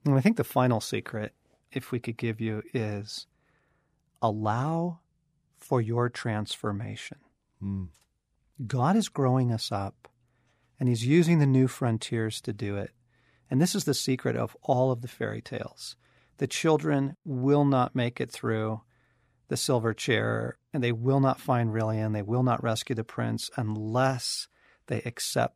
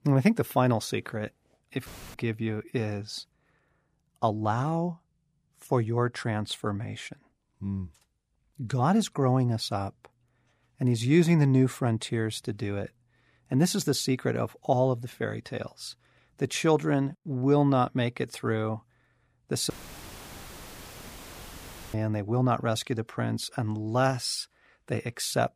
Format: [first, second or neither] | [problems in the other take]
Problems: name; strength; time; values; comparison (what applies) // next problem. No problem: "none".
first | audio cutting out; filled with static; at 2 s and at 20 s for 2 s